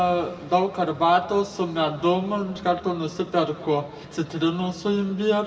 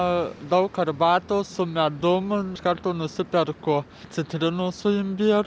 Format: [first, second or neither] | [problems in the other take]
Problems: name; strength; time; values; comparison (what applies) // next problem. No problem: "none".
second | room echo; dies away in 1.6 s